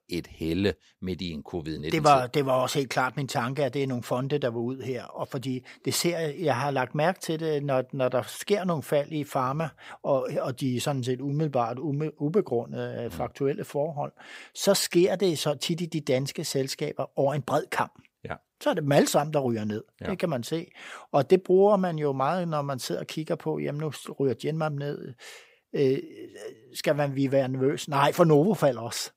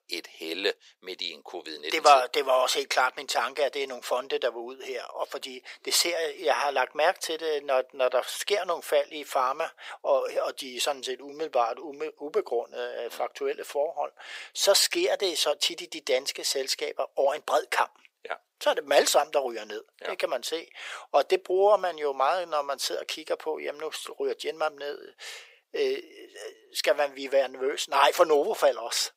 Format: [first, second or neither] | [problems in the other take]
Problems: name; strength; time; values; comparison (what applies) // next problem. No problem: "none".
first | thin; very; fading below 450 Hz